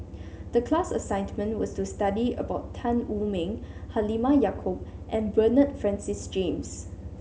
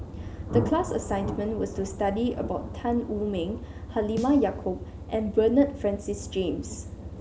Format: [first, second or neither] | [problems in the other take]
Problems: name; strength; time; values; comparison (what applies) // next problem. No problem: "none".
first | background sound (Thunder + Snare drum); 11 dB below the speech